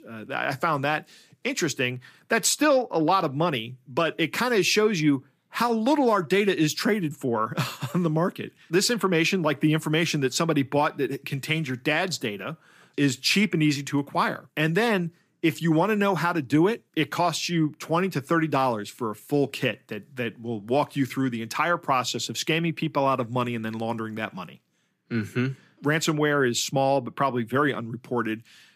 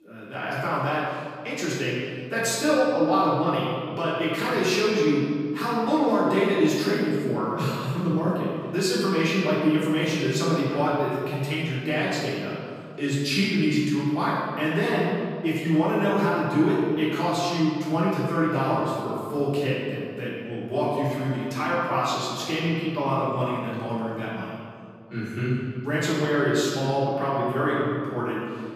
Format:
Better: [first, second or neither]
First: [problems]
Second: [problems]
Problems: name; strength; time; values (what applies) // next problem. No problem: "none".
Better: first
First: none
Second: room echo; strong; dies away in 2 s // off-mic speech; far